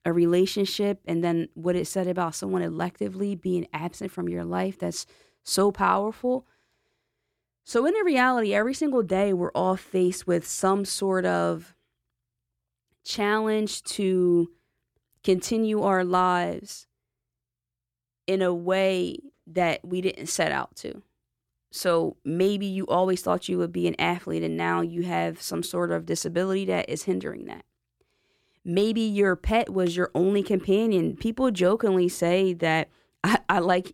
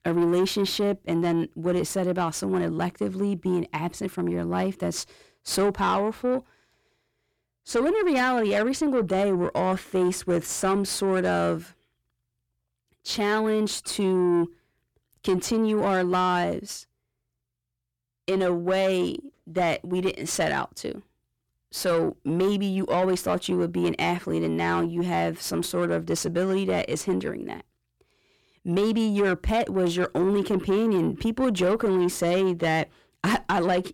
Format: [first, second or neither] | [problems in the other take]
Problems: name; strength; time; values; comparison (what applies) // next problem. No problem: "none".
first | distortion; slight; 10 dB below the speech